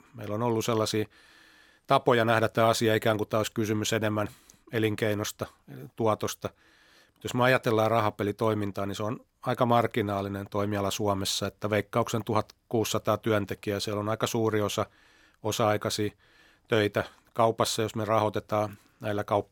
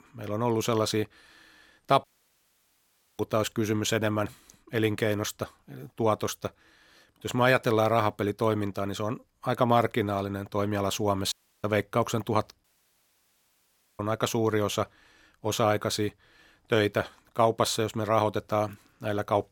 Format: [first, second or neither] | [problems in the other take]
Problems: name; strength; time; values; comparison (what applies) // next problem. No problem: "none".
first | audio cutting out; at 2 s for 1 s, at 11 s and at 13 s for 1.5 s